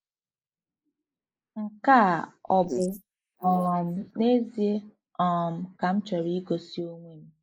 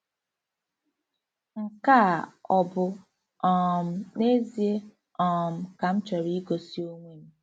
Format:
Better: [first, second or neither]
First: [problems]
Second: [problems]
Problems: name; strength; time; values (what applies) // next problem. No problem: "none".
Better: second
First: noise reduction (neural mask model Resemble Enhance denoiser)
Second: none